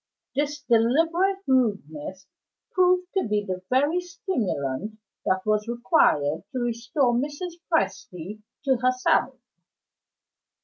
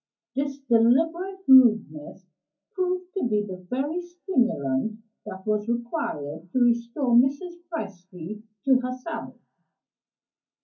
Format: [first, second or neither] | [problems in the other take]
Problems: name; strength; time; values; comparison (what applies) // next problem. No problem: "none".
first | room echo; dies away in 0.3 s